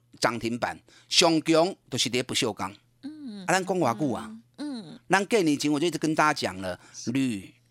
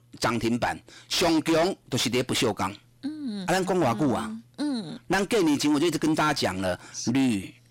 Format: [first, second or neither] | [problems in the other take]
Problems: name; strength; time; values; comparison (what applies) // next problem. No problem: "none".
first | distortion; heavy; 6 dB below the speech